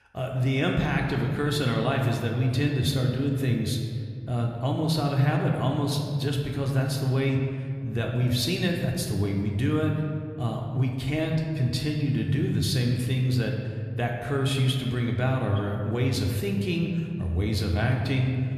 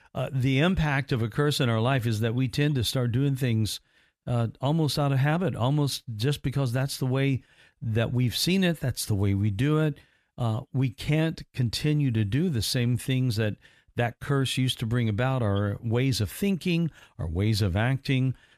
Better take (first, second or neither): second